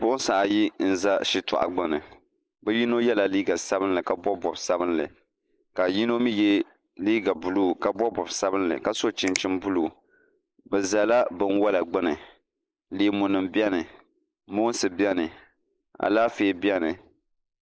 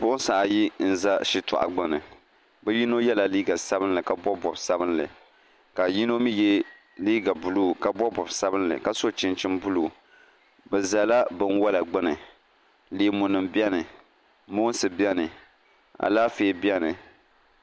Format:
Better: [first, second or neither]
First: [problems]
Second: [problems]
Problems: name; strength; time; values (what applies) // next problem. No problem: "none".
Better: second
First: noise reduction (neural mask model Resemble Enhance denoiser)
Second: none